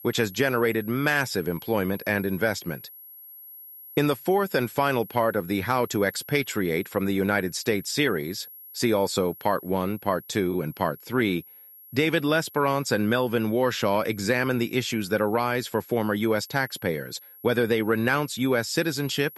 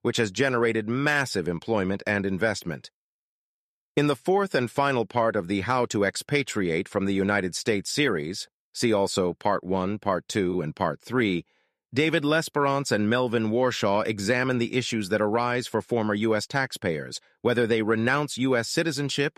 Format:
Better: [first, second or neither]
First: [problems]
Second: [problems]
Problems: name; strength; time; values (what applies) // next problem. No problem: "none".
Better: second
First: high-pitched whine; noticeable; throughout; 11.5 kHz, 20 dB below the speech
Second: none